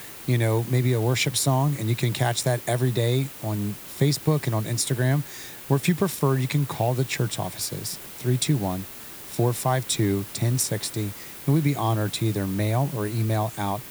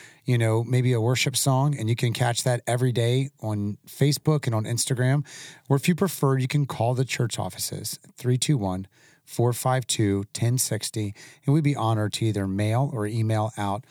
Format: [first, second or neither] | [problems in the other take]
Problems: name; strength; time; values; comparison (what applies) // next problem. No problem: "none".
second | hiss; noticeable; throughout; 15 dB below the speech